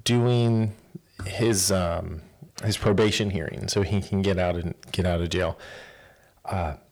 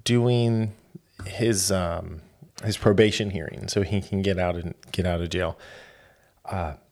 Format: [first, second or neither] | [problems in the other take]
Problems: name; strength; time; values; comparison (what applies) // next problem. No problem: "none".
second | distortion; slight; 10 dB below the speech